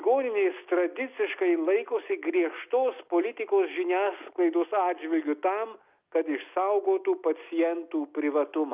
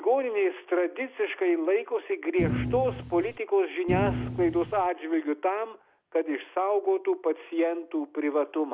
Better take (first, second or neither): first